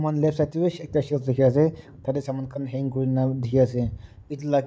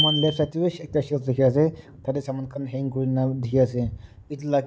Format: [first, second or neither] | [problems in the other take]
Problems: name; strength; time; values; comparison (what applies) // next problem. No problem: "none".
first | background sound (Bicycle bell); 10 dB below the speech